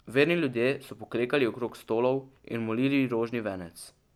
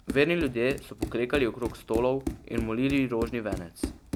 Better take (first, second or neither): first